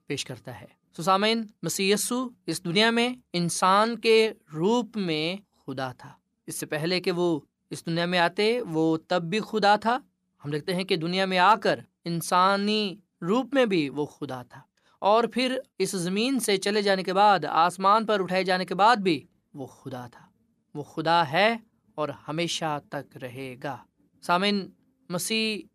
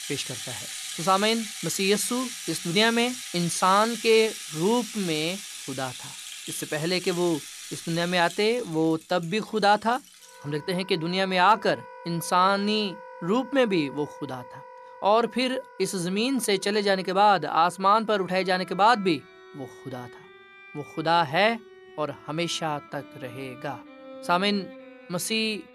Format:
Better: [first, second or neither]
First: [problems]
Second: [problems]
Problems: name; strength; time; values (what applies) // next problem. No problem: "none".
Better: first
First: none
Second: background music; noticeable; throughout; 15 dB below the speech